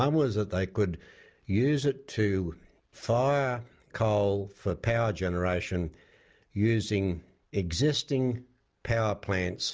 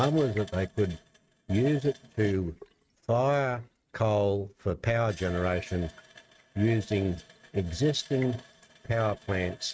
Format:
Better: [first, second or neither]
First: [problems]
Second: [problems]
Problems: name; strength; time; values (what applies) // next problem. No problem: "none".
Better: first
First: none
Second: noise reduction (neural mask model RNNoise)